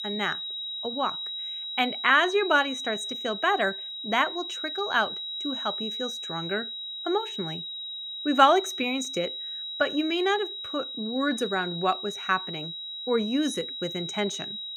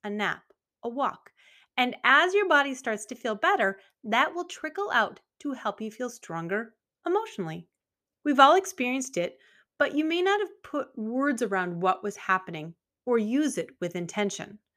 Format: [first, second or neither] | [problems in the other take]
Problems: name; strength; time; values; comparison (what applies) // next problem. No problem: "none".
second | high-pitched whine; loud; throughout; 4 kHz, 6 dB below the speech